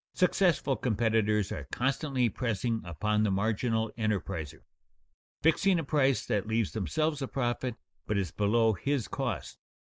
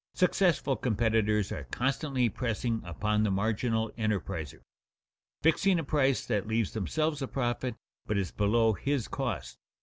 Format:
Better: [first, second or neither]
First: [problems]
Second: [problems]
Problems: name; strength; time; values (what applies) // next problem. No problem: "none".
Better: second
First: noise reduction (neural mask model Resemble Enhance denoiser)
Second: none